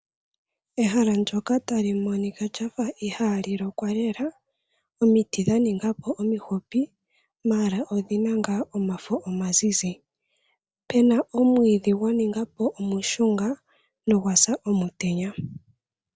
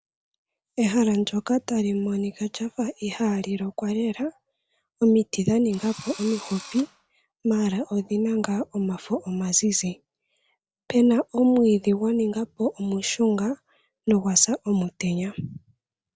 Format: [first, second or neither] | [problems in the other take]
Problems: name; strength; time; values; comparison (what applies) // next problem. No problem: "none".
first | background sound (Engine / Drill); 16 dB below the speech